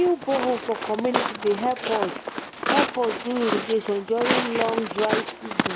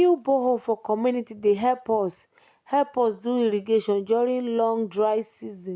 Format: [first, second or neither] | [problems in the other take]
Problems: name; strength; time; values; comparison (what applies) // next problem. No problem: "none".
second | background sound (Walk, footsteps); 2 dB below the speech